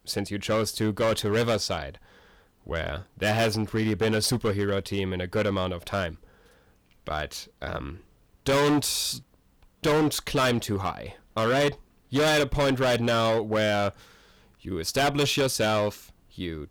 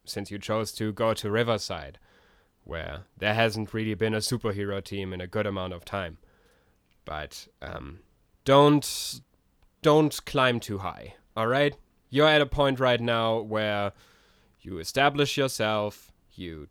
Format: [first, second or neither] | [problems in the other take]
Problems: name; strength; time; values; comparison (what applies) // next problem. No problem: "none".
second | distortion; heavy; 11% of the sound clipped